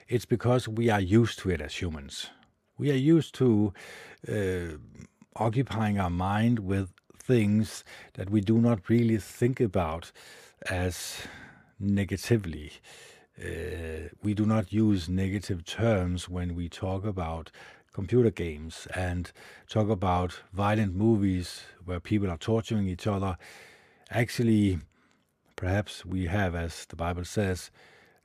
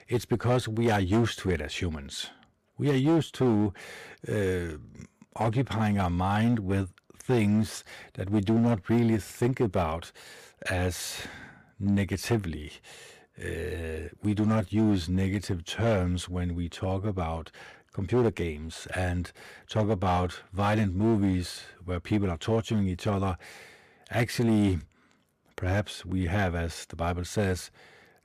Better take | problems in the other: first | distortion; slight; 5% of the sound clipped

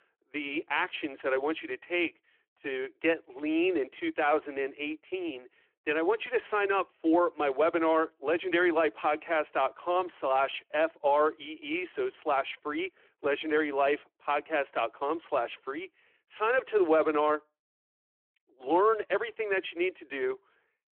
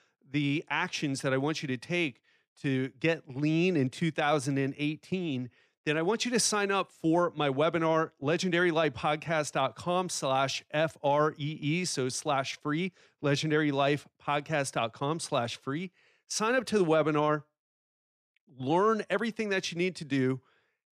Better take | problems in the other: second | phone-call audio

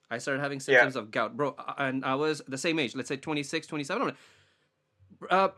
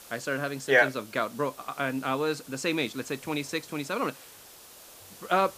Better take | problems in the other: first | hiss; noticeable; throughout; 20 dB below the speech

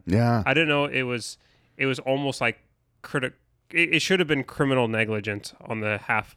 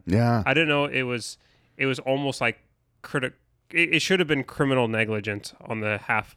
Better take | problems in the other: neither | none

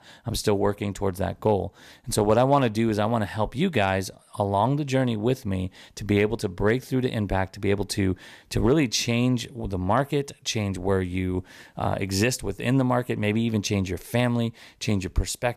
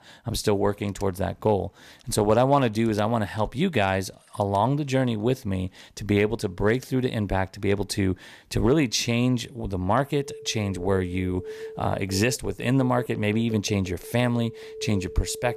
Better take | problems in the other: first | alarms or sirens; noticeable; throughout; 15 dB below the speech

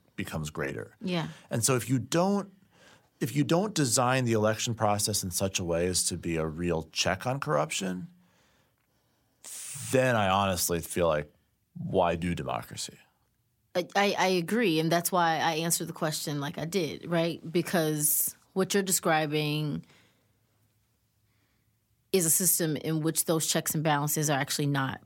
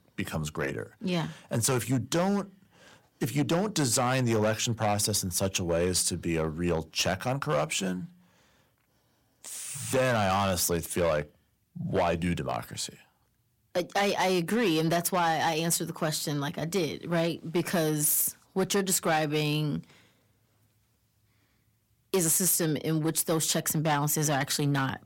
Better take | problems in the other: first | distortion; slight; 6% of the sound clipped

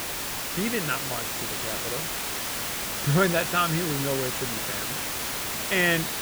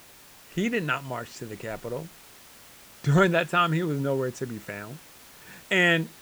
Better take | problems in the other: second | hiss; loud; throughout; 1 dB below the speech; faint in the second

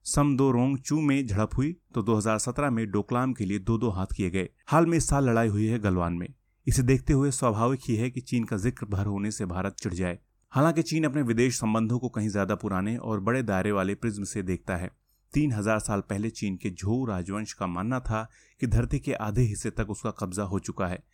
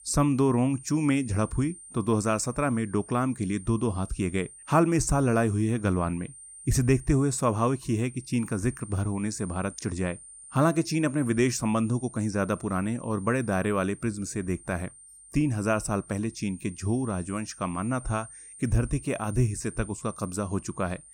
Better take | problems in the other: first | high-pitched whine; noticeable; throughout; 9 kHz, 15 dB below the speech

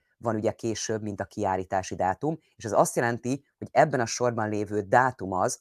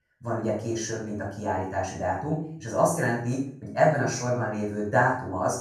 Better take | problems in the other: first | off-mic speech; far // room echo; noticeable; dies away in 0.5 s

